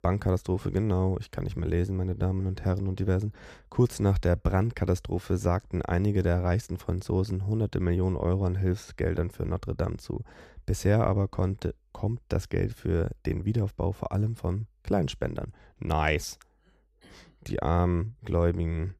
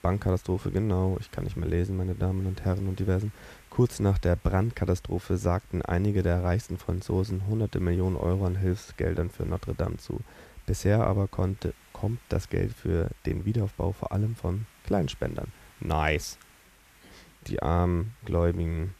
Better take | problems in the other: first | hiss; faint; throughout; 25 dB below the speech

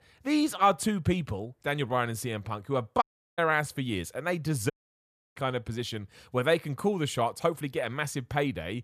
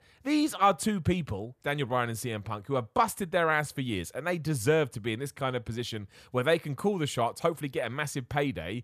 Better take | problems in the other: second | audio cutting out; at 3 s and at 4.5 s for 0.5 s

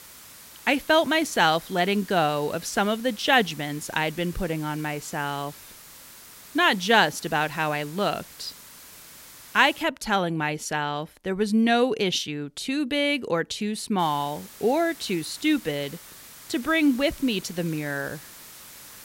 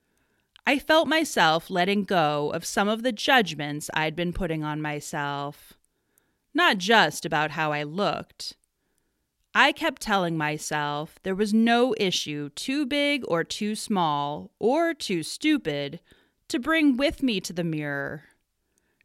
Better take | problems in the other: second | hiss; noticeable; until 10 s and from 14 s on; 20 dB below the speech

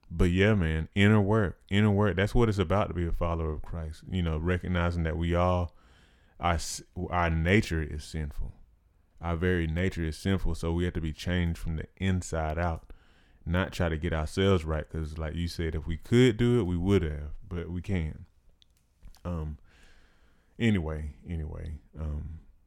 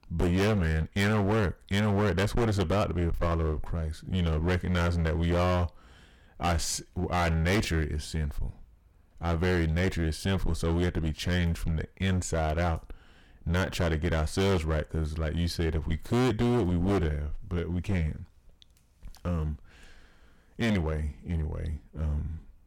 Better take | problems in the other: first | distortion; heavy; 16% of the sound clipped

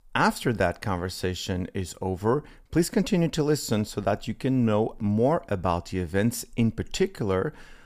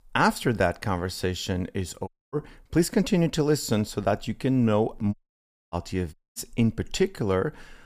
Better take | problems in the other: first | audio cutting out; at 2 s, at 5 s for 0.5 s and at 6 s

